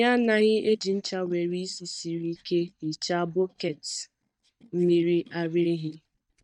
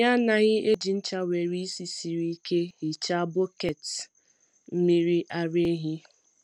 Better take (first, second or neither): second